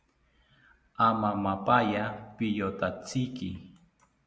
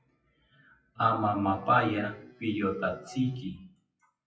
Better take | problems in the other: first | noise reduction (classical method WPE with log-MMSE)

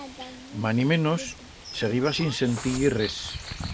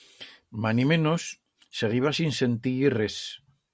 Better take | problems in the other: second | background sound (Bird vocalization, bird call, bird song); 11 dB below the speech

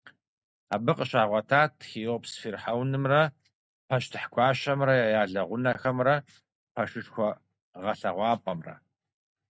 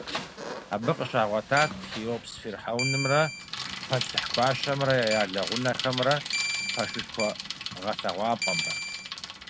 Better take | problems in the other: first | background sound (Bicycle + Keyboard (musical)); 5 dB below the speech

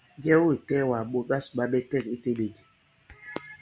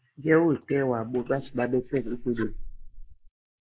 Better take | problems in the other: first | noise reduction (neural mask model Resemble Enhance denoiser)

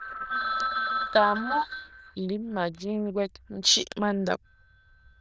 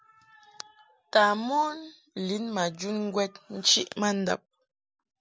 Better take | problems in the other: second | noise reduction (neural diffusion model UNIVERSE++)

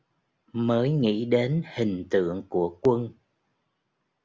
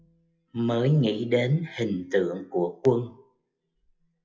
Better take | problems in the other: first | noise reduction (classical method WPE with log-MMSE)

